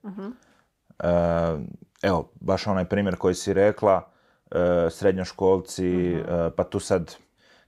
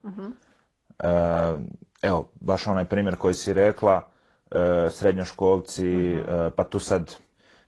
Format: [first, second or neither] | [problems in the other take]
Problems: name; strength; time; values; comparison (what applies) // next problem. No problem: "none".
first | garbled, watery; slightly; nothing above 11 kHz